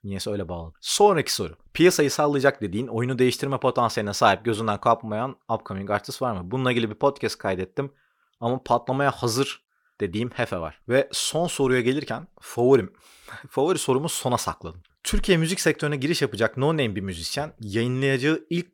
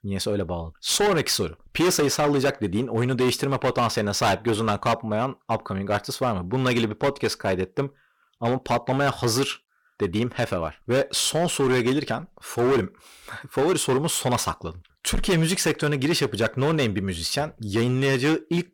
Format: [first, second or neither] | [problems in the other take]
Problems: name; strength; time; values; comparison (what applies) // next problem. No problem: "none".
first | distortion; heavy; 11% of the sound clipped